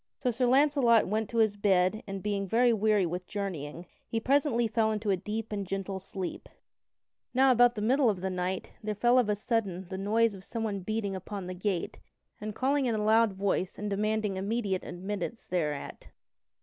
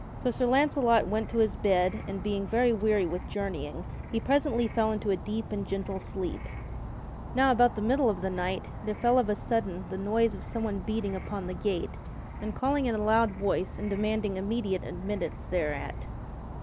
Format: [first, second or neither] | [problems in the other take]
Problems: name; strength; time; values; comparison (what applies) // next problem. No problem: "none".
first | background sound (Insect / Frog); 9 dB below the speech